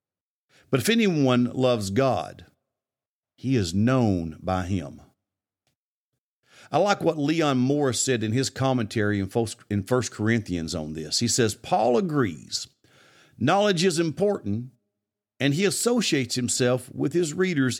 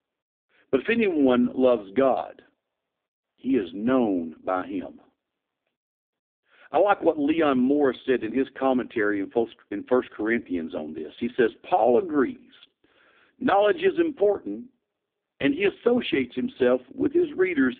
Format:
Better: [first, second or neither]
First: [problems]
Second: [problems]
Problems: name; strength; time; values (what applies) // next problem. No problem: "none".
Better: first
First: none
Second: phone-call audio; poor line